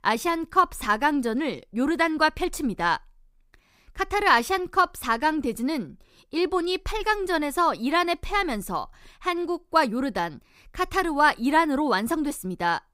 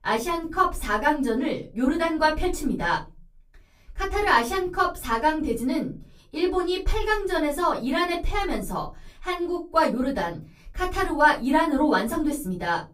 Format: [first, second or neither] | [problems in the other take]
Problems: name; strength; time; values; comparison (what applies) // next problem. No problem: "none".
first | off-mic speech; far // room echo; very slight; dies away in 0.3 s